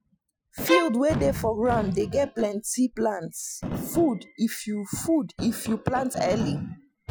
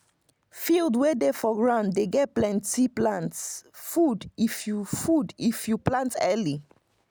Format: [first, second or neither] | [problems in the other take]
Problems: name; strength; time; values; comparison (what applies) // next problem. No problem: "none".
second | noise reduction (classical method Wiener filter)